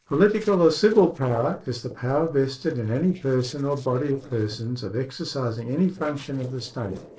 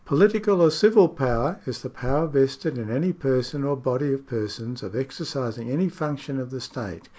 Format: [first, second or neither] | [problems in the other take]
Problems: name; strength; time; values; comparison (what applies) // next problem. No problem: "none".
second | noise reduction (neural separator model SepFormer DNS4)